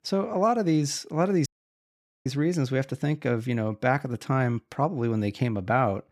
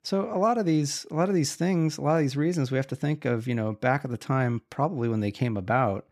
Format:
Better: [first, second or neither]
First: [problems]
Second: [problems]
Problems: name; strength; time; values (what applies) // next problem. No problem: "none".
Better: second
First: audio cutting out; at 1.5 s for 1 s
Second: none